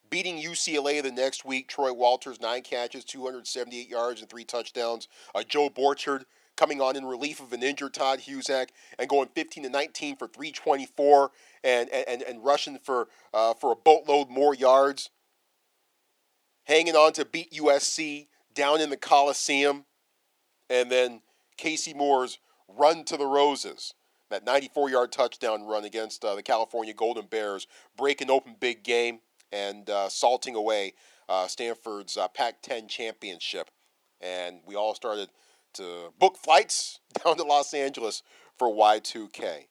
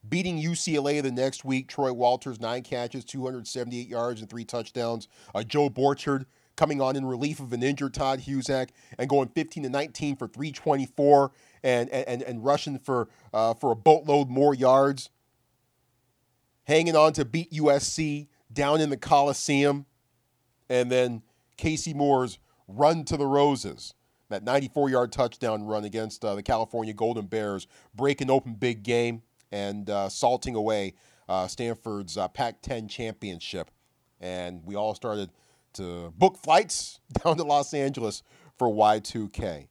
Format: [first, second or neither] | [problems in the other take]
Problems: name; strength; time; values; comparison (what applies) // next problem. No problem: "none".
second | thin; somewhat; fading below 350 Hz